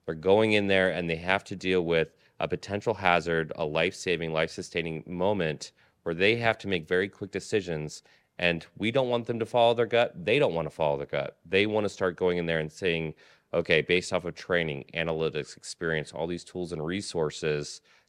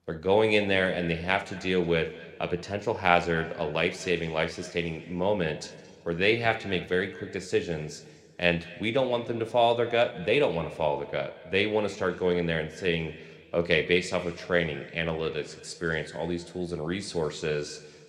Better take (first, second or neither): first